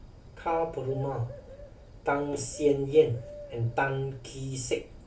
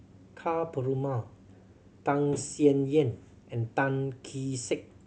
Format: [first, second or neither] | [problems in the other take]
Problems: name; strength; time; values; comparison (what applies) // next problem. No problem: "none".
second | background sound (Bird); 16 dB below the speech // room echo; dies away in 0.2 s